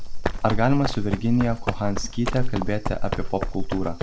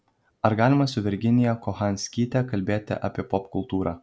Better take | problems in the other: second | background sound (Run); 1 dB above the speech

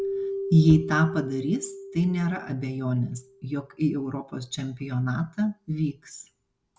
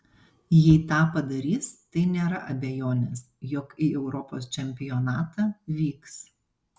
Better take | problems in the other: second | background sound (Keyboard (musical)); 11 dB below the speech

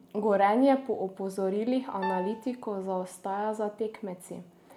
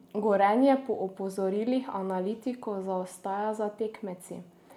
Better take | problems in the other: second | background sound (Piano); 11 dB below the speech

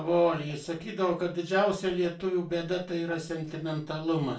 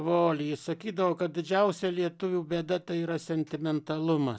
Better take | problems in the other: second | noise reduction (neural separator model SepFormer DNS4)

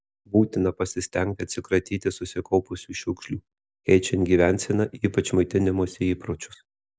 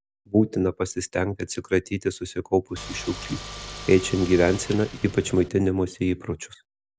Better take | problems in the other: first | background sound (Car); 13 dB below the speech

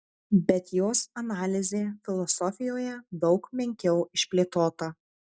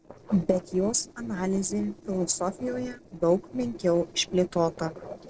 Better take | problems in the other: first | noise reduction (neural separator model SepFormer DNS4)

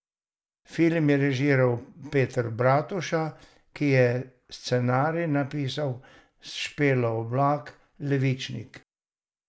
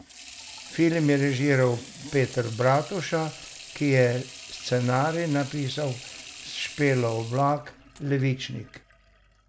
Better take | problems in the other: first | background sound (Sink (filling or washing) / Water tap, faucet); 17 dB below the speech

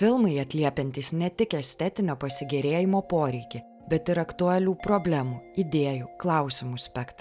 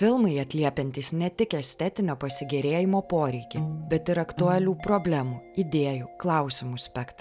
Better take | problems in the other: first | background sound (Piano); 7 dB below the speech

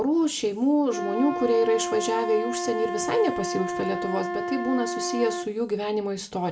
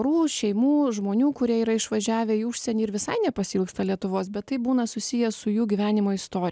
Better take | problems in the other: second | background sound (Wind instrument, woodwind instrument); 6 dB below the speech // room echo; dies away in 0.4 s

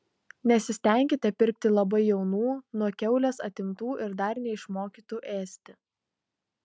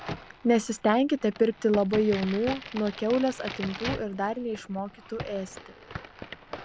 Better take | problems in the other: first | background sound (Crack); 12 dB below the speech

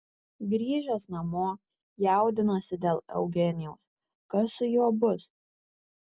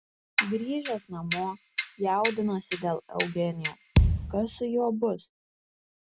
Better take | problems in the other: first | background sound (Clock + Thump, thud); as loud as the speech

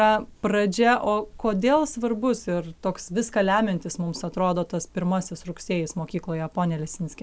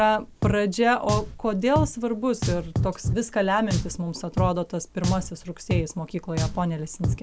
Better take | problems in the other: first | background sound (Drum); 4 dB below the speech

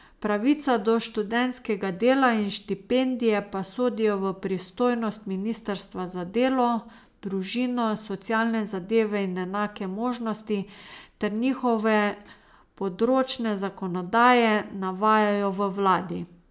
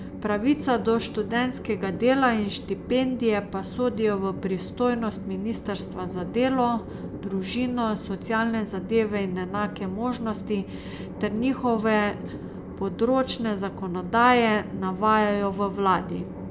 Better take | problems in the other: first | background sound (Train); 11 dB below the speech

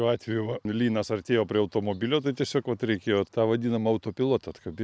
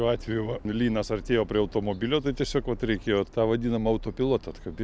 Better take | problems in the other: first | background sound (Subway, metro, underground); 14 dB below the speech

